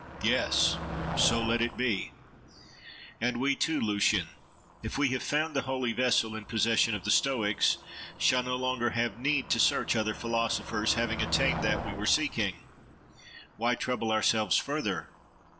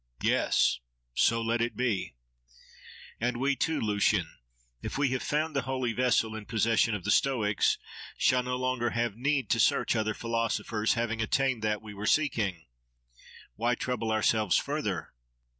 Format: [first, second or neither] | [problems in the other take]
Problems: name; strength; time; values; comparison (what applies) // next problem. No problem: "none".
second | background sound (Motor vehicle (road)); 11 dB below the speech // room echo; dies away in 0.4 s